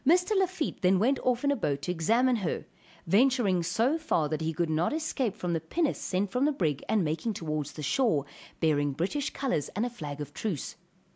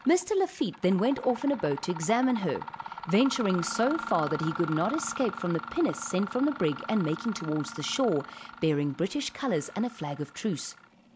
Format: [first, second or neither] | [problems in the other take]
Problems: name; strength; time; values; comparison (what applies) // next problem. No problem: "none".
first | background sound (Mechanisms); 12 dB below the speech